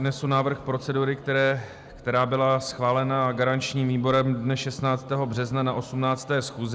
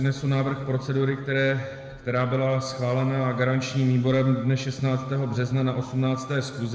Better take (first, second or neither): first